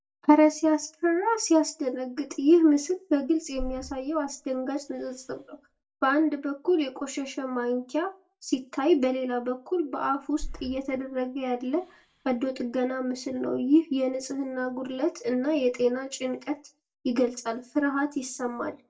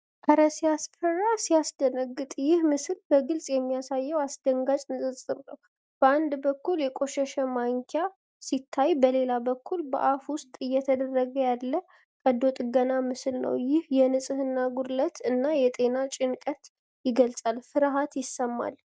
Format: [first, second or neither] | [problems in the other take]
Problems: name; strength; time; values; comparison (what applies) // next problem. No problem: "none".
second | background sound (Breathing); 15 dB below the speech // room echo; dies away in 0.2 s